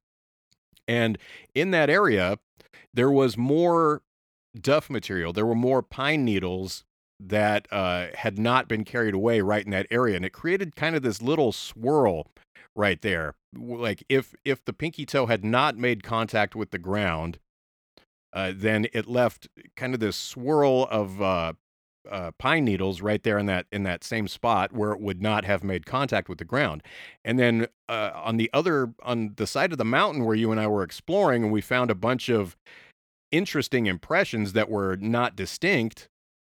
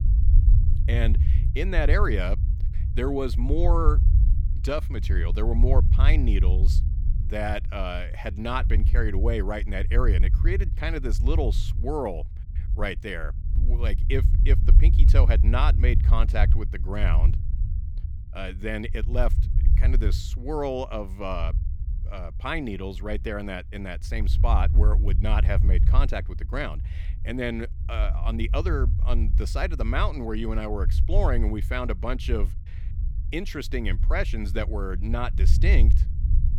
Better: first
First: none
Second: low rumble; noticeable; throughout; 10 dB below the speech

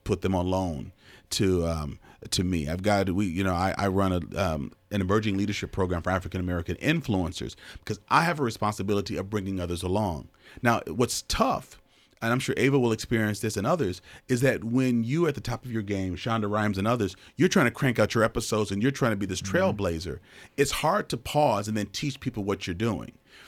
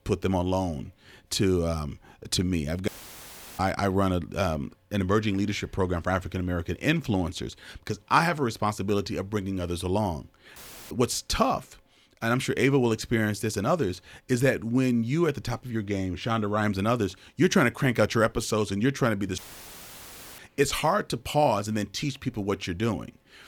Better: first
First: none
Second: audio cutting out; filled with static; at 3 s for 0.5 s, at 11 s and at 19 s for 1 s

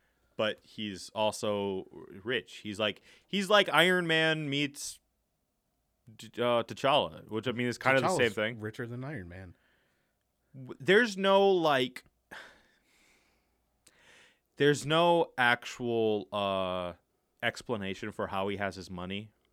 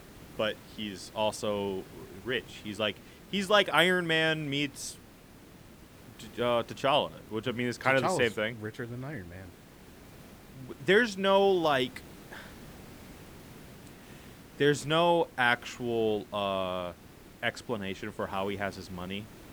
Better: first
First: none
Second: hiss; faint; throughout; 20 dB below the speech

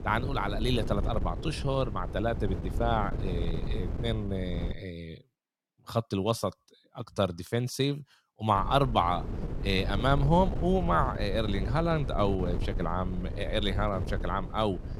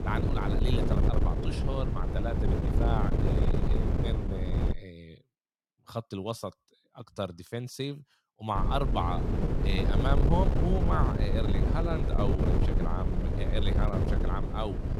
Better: first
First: wind noise on the microphone; occasional gusts; until 4.5 s and from 8.5 s on; 15 dB below the speech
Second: wind noise on the microphone; heavy; until 4.5 s and from 8.5 s on; 1 dB below the speech

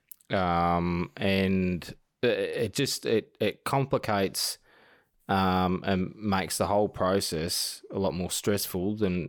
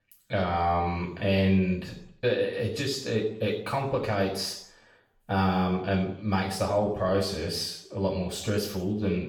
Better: first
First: none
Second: room echo; noticeable; dies away in 0.6 s // off-mic speech; far

